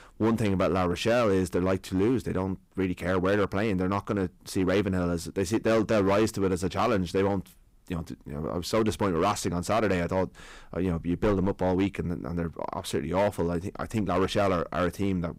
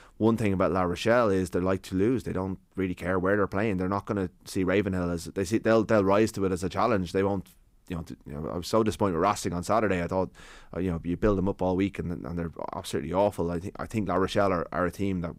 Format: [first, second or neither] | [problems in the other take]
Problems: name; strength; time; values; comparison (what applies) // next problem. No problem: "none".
second | distortion; slight; 7% of the sound clipped